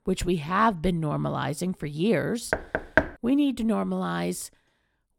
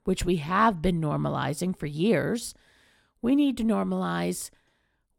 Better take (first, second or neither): second